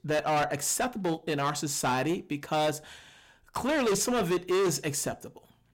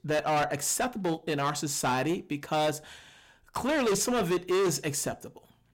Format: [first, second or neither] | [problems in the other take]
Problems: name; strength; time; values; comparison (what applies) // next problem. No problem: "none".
neither | distortion; heavy; 13% of the sound clipped; the same in both